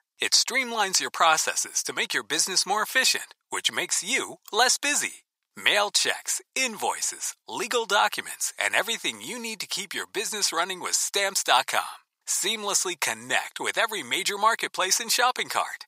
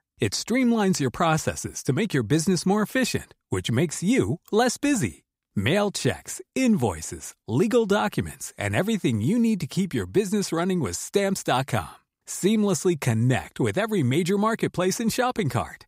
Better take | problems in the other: second | thin; very; fading below 950 Hz

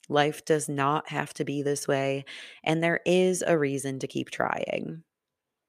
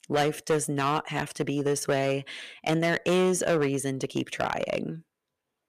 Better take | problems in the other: first | distortion; slight; 7% of the sound clipped

